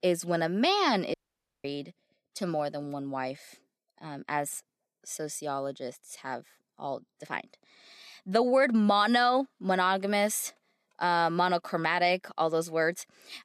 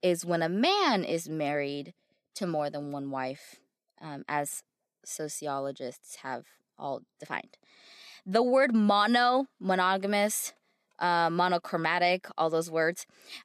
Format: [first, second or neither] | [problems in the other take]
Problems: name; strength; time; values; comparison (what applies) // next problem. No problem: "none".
second | audio cutting out; at 1 s for 0.5 s